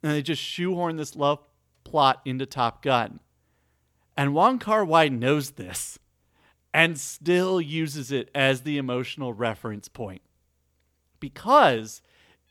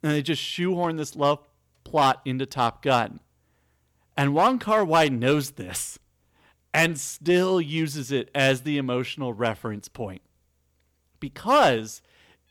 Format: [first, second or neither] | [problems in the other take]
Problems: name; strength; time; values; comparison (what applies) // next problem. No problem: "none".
first | distortion; slight; 2% of the sound clipped